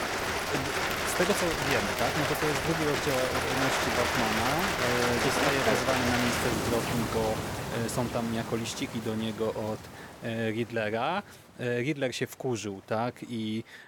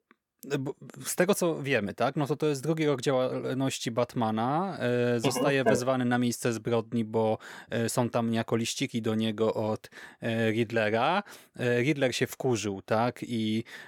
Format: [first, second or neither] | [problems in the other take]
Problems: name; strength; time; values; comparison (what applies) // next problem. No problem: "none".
second | rain or running water; very loud; throughout; 3 dB above the speech